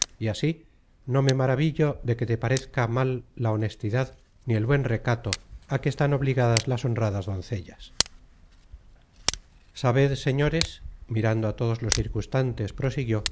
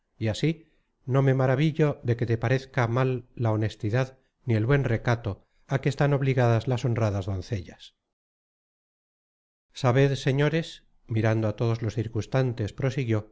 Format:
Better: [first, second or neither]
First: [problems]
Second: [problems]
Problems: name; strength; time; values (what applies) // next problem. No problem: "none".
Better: second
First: background sound (Tick); 11 dB below the speech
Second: none